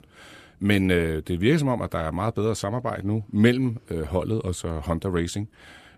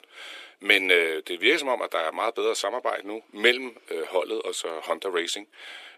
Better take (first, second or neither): first